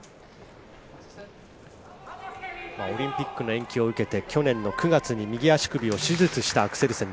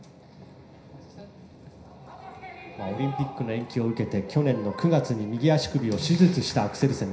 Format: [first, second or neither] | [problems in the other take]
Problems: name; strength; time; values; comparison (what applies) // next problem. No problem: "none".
first | room echo; dies away in 0.5 s